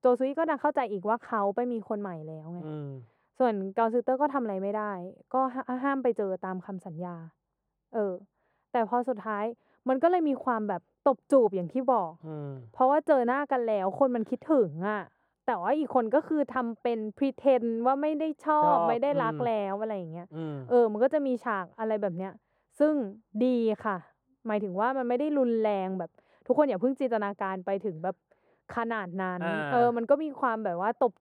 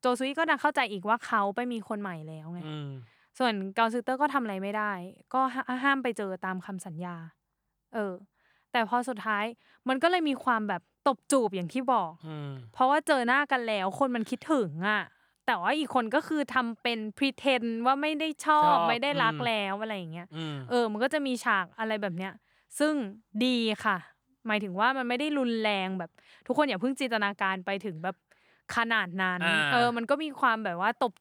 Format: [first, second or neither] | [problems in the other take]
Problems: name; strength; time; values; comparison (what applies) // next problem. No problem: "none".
second | muffled; very; fading above 1.5 kHz